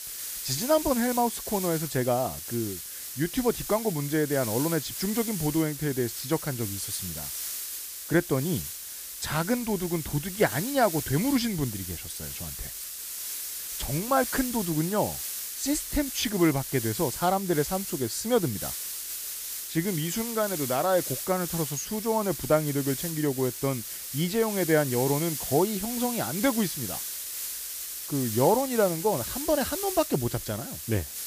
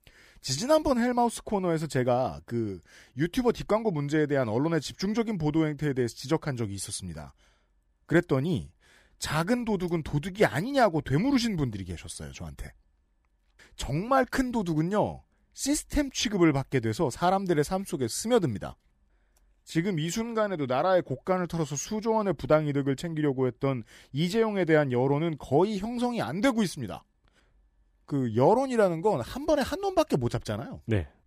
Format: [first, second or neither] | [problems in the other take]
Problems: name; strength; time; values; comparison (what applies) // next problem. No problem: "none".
second | hiss; loud; throughout; 5 dB below the speech